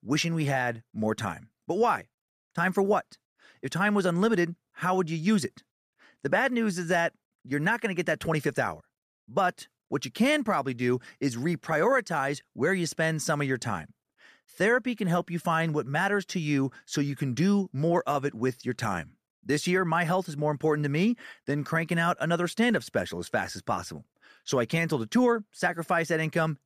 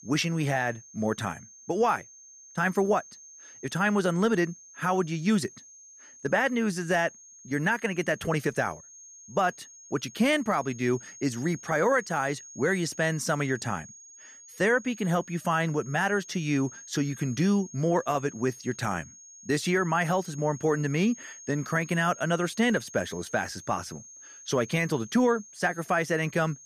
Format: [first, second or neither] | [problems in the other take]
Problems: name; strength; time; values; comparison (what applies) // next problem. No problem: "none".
first | high-pitched whine; noticeable; throughout; 6.5 kHz, 20 dB below the speech